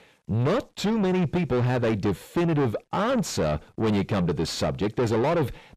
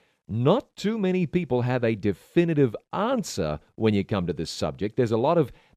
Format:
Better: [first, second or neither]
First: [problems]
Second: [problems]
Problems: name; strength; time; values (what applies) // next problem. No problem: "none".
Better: second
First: distortion; heavy; 6 dB below the speech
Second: none